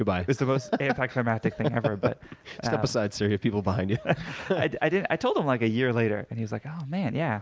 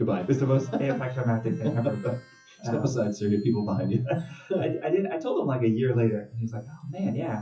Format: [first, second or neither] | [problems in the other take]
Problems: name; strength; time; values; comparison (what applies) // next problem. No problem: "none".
first | noise reduction (classical method WPE with log-MMSE)